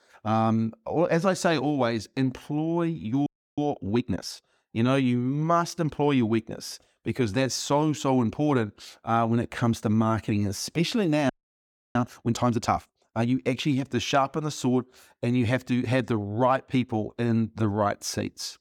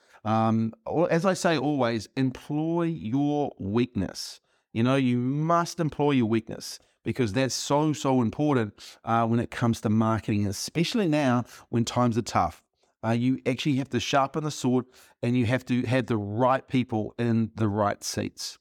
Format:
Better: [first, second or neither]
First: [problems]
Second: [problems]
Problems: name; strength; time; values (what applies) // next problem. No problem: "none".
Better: second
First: audio freezing; at 3.5 s and at 11 s for 0.5 s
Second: none